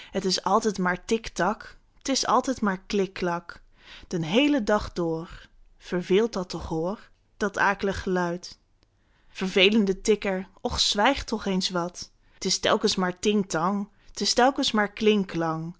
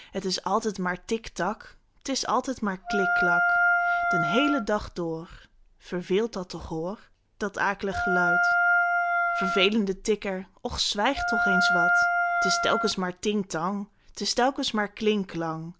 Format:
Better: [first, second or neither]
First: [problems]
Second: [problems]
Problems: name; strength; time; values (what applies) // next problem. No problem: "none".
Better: first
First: none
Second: background sound (Wind instrument, woodwind instrument); 4 dB above the speech